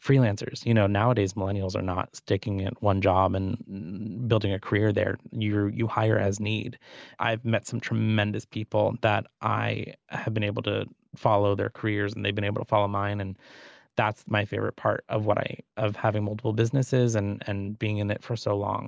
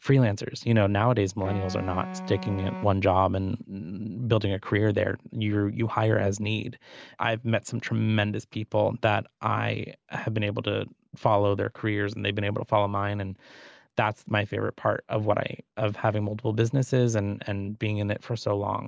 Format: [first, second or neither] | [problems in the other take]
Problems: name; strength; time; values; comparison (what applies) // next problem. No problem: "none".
first | background sound (Wind instrument, woodwind instrument); 12 dB below the speech